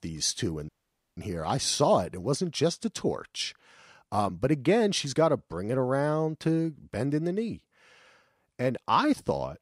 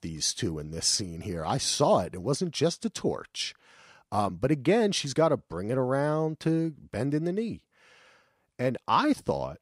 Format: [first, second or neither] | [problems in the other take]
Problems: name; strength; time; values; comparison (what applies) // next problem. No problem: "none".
second | audio cutting out; at 0.5 s